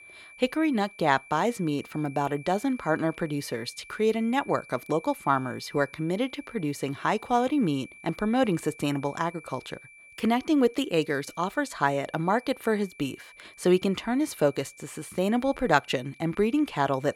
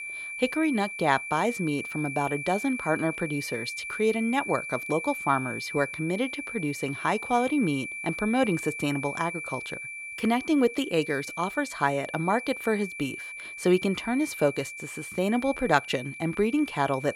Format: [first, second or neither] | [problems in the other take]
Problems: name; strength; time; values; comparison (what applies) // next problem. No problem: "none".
first | high-pitched whine; loud; throughout; 2.5 kHz, 7 dB below the speech; faint in the first